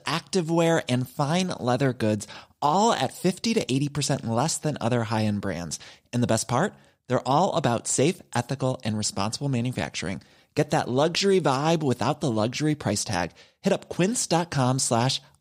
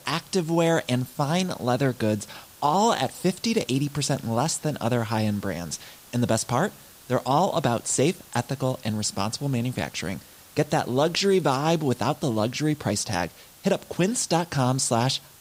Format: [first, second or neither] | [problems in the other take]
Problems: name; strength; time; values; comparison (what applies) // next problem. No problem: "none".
first | hiss; faint; throughout; 20 dB below the speech